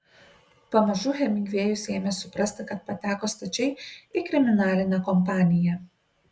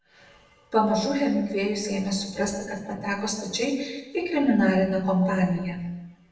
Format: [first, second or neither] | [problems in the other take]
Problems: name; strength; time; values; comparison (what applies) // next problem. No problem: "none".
first | room echo; dies away in 1 s